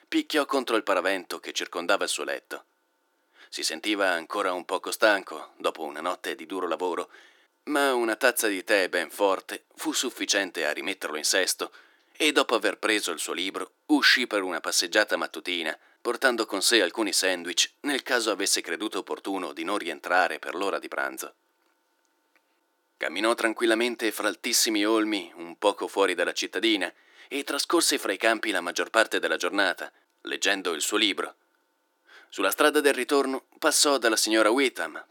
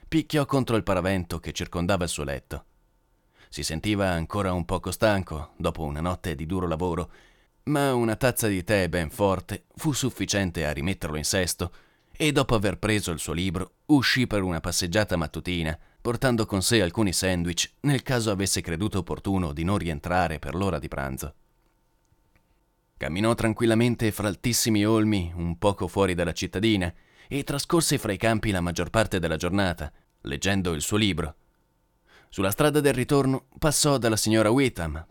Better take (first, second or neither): second